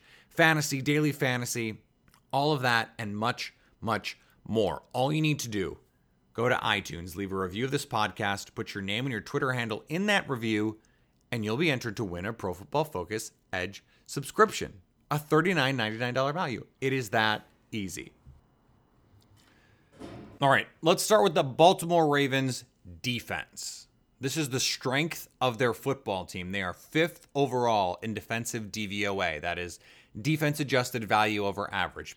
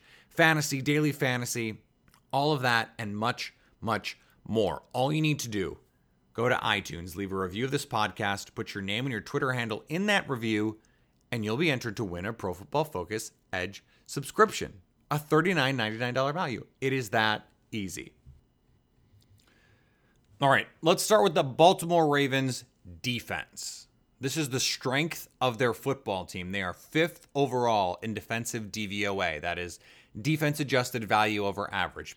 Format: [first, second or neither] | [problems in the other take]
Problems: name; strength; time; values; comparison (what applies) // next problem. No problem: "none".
second | door banging; faint; at 20 s; peak 15 dB below the speech